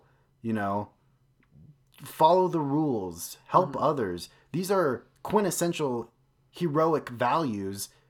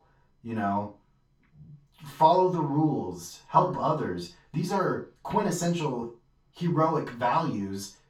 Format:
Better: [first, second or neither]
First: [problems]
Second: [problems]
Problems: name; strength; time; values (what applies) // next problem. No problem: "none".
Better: first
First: none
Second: room echo; slight; dies away in 0.2 s // off-mic speech; far